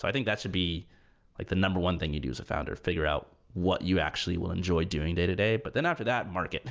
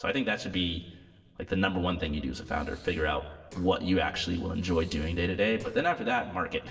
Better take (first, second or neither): first